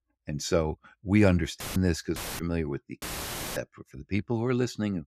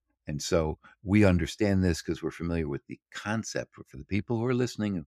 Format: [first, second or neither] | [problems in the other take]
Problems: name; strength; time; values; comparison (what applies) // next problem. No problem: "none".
second | audio cutting out; filled with static; at 1.5 s, at 2 s and at 3 s for 0.5 s